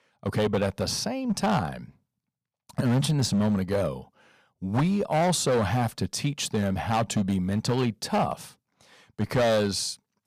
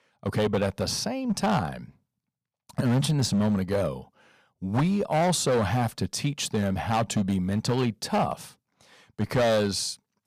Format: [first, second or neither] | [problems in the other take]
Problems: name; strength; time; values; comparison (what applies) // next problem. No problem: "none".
neither | distortion; slight; 9% of the sound clipped; the same in both